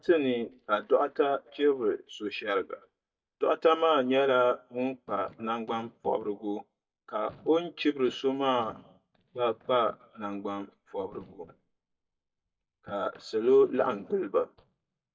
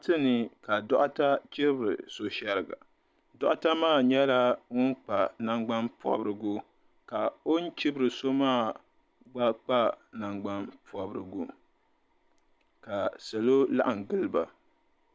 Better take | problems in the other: second | noise reduction (neural mask model DeepFilterNet 3)

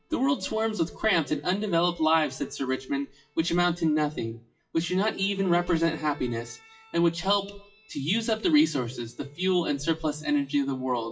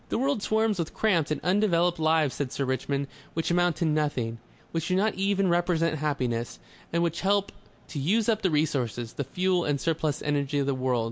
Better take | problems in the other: second | noise reduction (classical method WPE with log-MMSE)

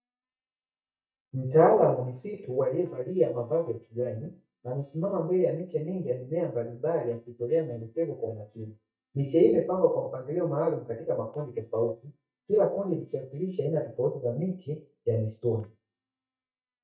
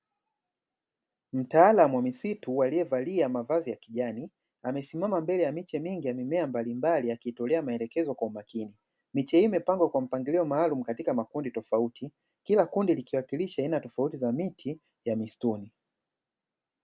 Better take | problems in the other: second | noise reduction (neural mask model DeepFilterNet 3)

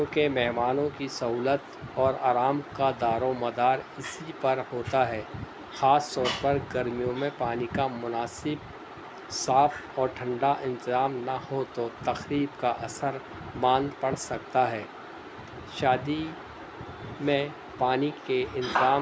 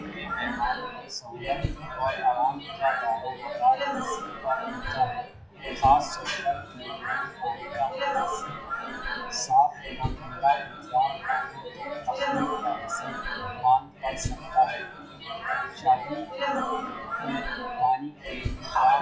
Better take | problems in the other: first | noise reduction (classical method WPE with log-MMSE)

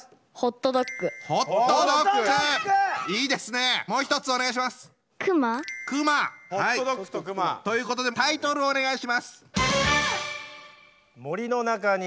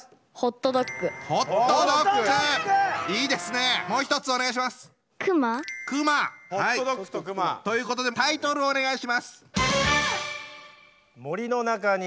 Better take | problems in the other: first | background sound (Motorcycle); 13 dB below the speech

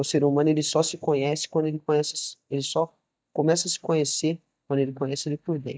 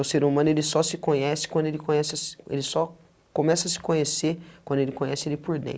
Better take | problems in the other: second | noise reduction (neural mask model DeepFilterNet 3)

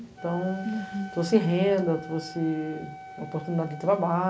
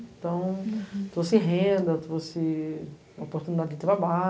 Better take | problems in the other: second | background sound (Wind instrument, woodwind instrument); 15 dB below the speech

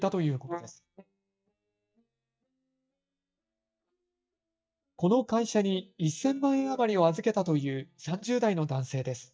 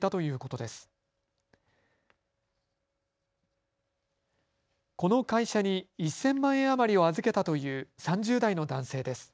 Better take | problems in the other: second | noise reduction (neural mask model DeepFilterNet 3)

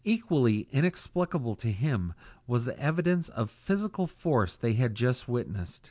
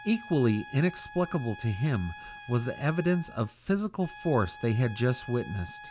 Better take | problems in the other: first | background sound (Trumpet); 17 dB below the speech

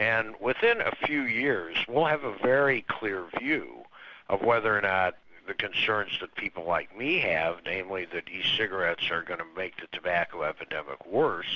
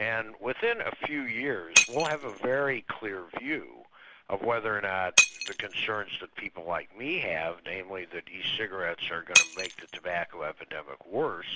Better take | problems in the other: first | background sound (Shatter); 1 dB above the speech

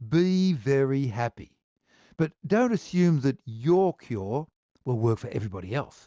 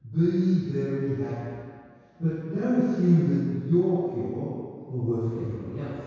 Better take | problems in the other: first | room echo; dies away in 2 s

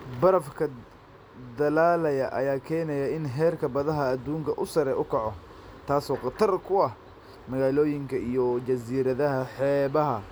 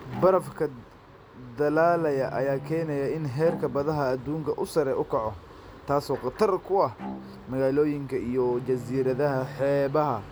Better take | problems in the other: first | background sound (Bowed string instrument + Bowed string instrument); 16 dB below the speech

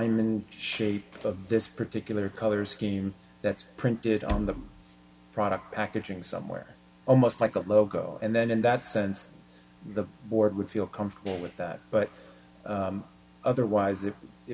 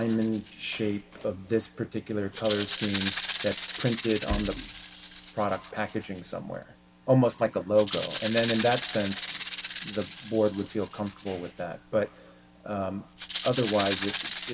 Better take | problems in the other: first | background sound (Rattle (instrument)); 10 dB below the speech

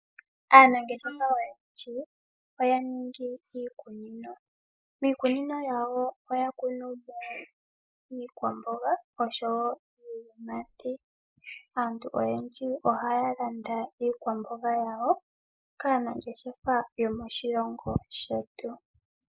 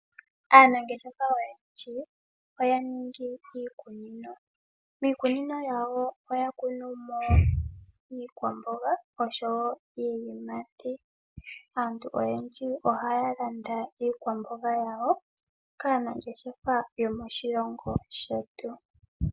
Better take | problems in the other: second | noise reduction (neural mask model Resemble Enhance denoiser)

